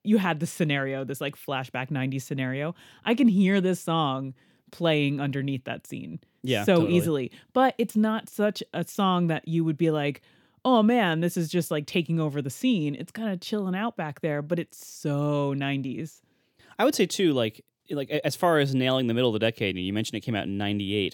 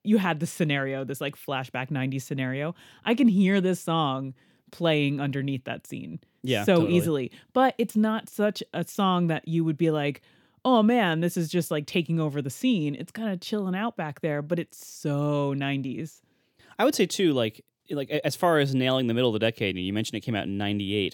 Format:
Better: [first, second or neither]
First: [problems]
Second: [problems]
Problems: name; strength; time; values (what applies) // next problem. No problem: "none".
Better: neither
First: none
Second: none